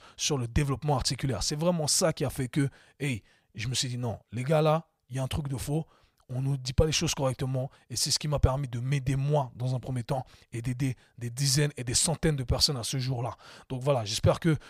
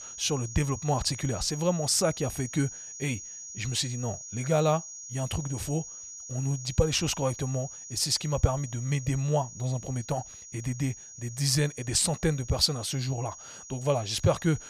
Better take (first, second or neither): first